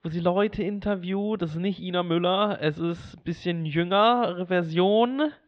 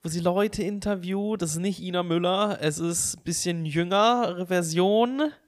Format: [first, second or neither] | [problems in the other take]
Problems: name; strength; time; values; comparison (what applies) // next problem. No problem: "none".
second | muffled; very; fading above 3.5 kHz